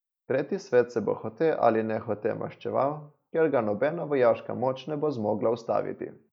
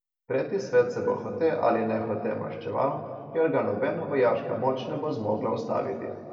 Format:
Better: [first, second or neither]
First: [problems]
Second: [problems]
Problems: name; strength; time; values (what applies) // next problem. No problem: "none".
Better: first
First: none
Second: room echo; dies away in 2 s